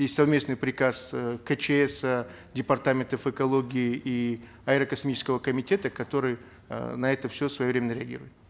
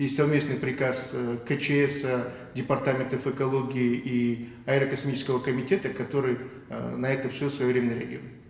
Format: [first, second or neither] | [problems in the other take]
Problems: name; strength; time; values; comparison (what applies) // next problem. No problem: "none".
first | room echo; dies away in 1.3 s